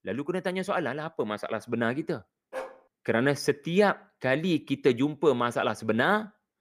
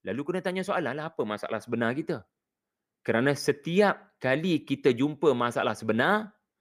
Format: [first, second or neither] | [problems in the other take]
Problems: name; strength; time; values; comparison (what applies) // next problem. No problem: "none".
second | dog barking; faint; at 2.5 s; peak 10 dB below the speech